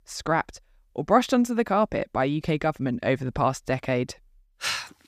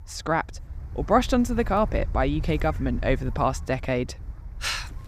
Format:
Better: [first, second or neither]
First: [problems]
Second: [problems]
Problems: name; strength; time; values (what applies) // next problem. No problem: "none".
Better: first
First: none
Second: wind noise on the microphone; occasional gusts; 25 dB below the speech